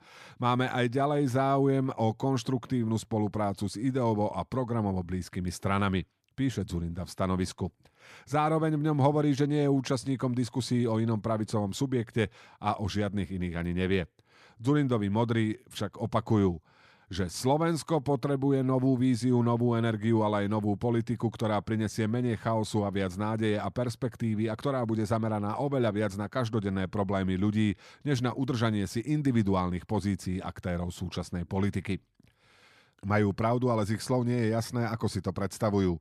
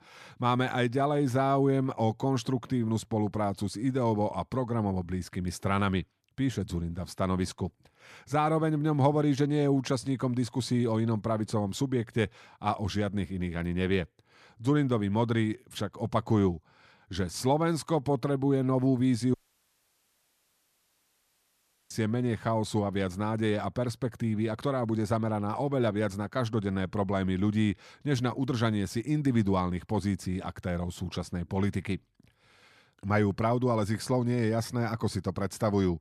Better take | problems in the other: first | audio cutting out; at 19 s for 2.5 s

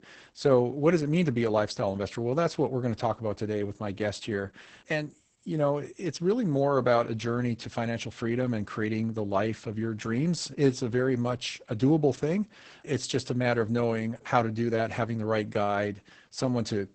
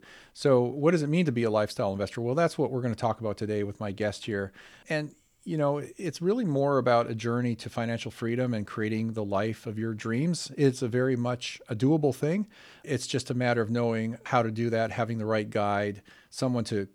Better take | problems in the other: second | garbled, watery; badly; nothing above 8 kHz

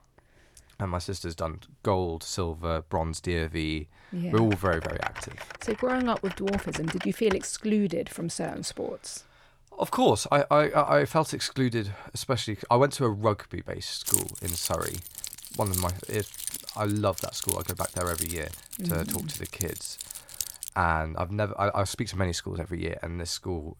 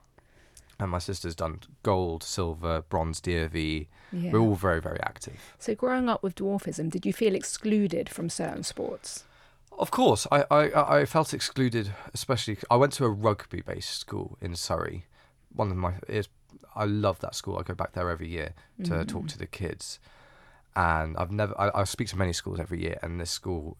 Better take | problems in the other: second | keyboard typing; noticeable; from 4.5 to 7.5 s; peak 7 dB below the speech // jangling keys; loud; from 14 to 21 s; peak 3 dB above the speech

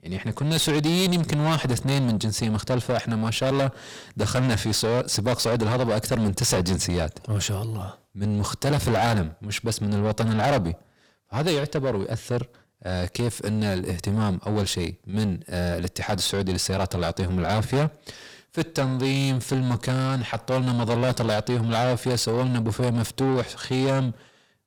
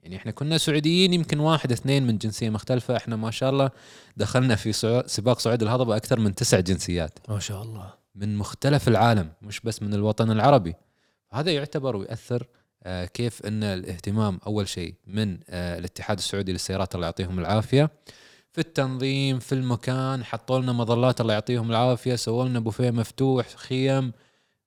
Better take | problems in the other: second | distortion; heavy; 6 dB below the speech

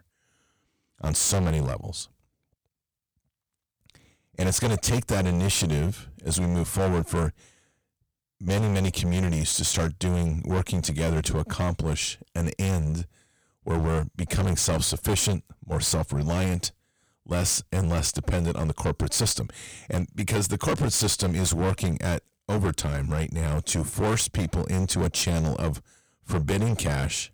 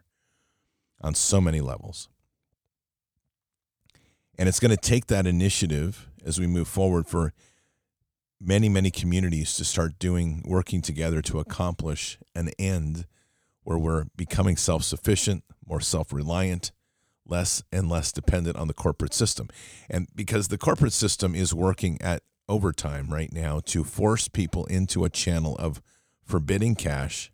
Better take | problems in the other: second | distortion; heavy; 16% of the sound clipped

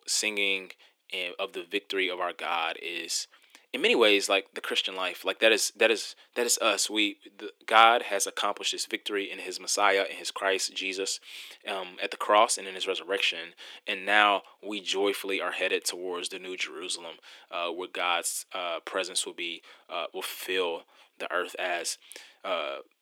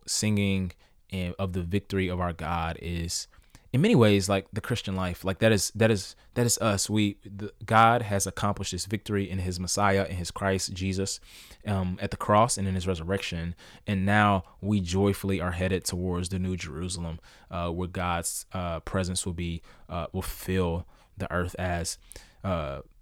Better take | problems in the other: second | thin; very; fading below 300 Hz

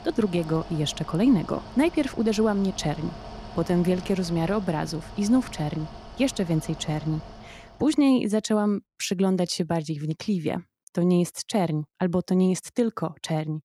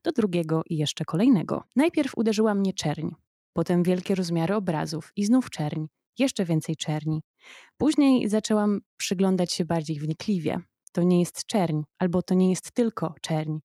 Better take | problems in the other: second | machinery noise; noticeable; until 7.5 s; 15 dB below the speech

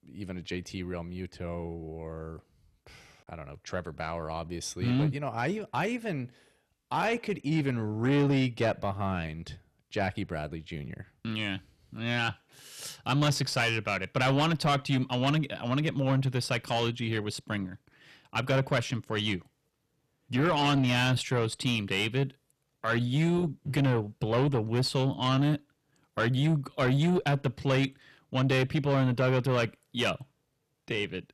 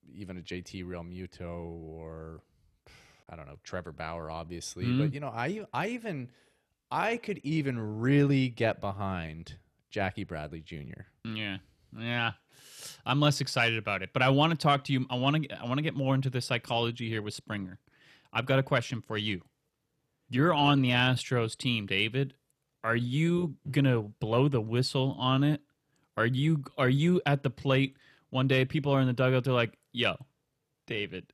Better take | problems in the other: second | distortion; slight; 10 dB below the speech

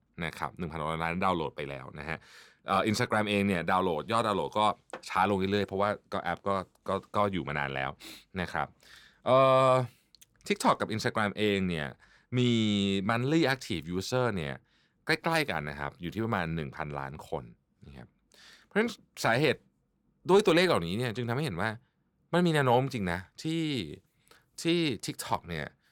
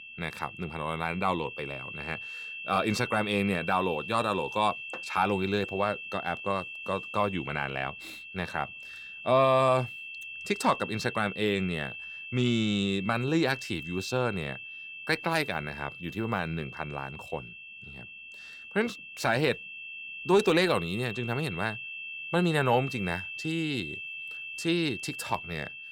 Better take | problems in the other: first | high-pitched whine; loud; throughout; 2.5 kHz, 9 dB below the speech

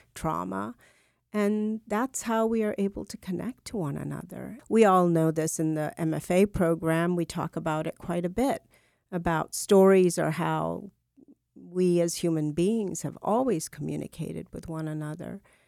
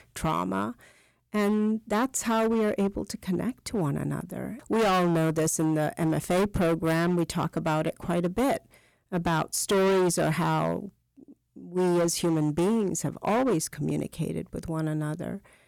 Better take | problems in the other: first | distortion; heavy; 14% of the sound clipped

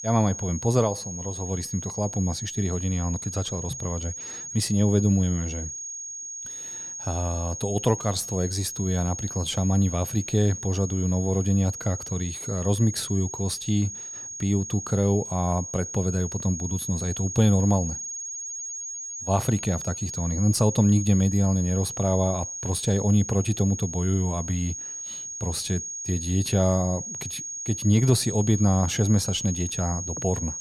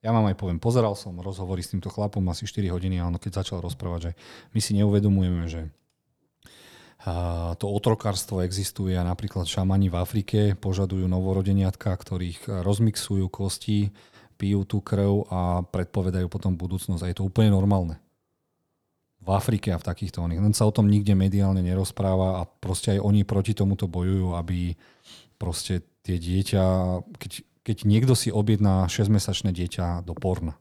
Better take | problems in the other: second | high-pitched whine; loud; throughout; 6.5 kHz, 7 dB below the speech

